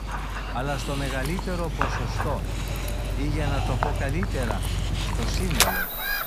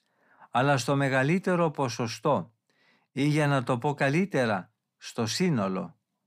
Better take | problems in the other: second | animal sounds; very loud; throughout; 4 dB above the speech

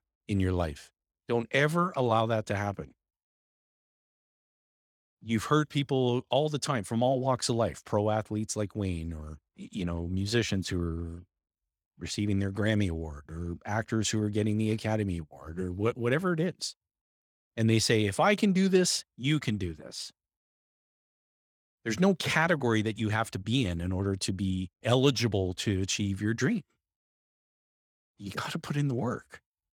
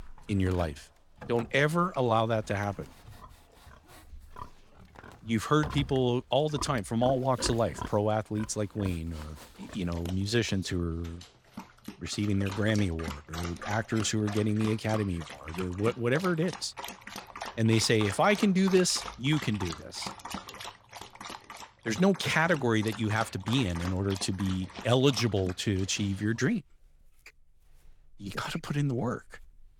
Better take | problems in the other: first | animal sounds; noticeable; throughout; 15 dB below the speech

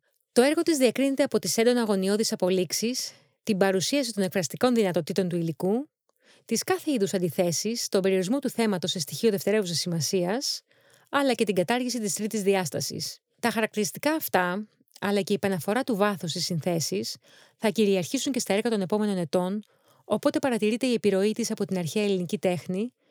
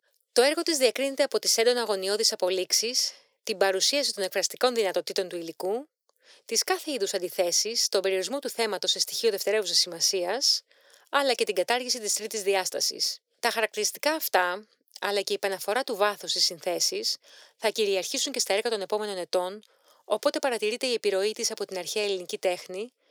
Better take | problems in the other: first | thin; somewhat; fading below 400 Hz

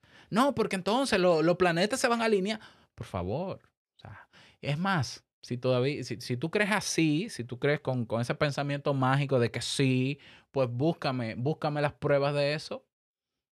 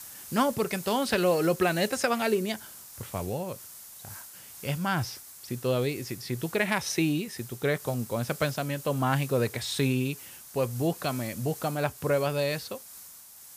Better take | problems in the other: first | hiss; noticeable; throughout; 15 dB below the speech

